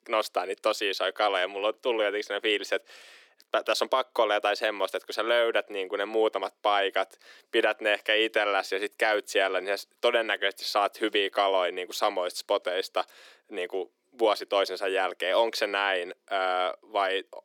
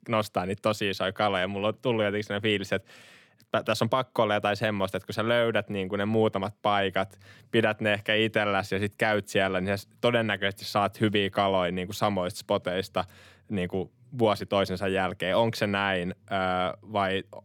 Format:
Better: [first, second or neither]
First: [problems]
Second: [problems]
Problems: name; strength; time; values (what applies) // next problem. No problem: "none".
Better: second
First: thin; very; fading below 350 Hz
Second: none